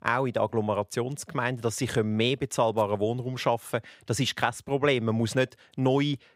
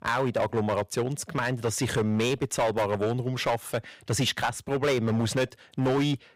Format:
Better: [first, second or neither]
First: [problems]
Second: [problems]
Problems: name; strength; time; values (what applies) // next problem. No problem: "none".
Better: first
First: none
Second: distortion; heavy; 11% of the sound clipped